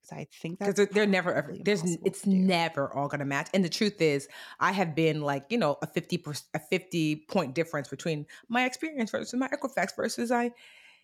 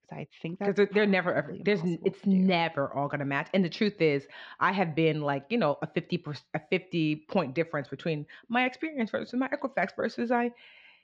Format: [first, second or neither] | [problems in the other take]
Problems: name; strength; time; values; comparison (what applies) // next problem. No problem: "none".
first | muffled; slightly; fading above 4 kHz